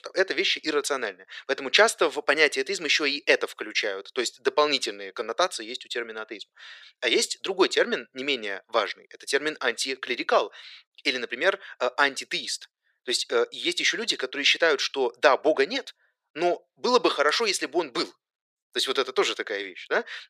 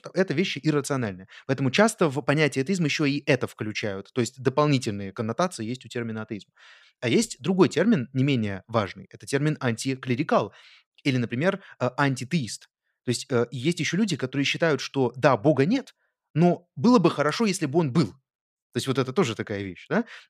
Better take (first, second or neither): second